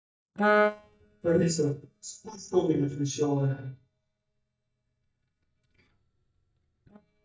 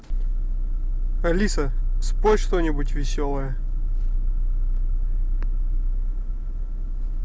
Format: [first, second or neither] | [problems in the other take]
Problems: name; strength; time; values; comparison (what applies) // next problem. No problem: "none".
second | noise reduction (neural mask model DeepFilterNet 3)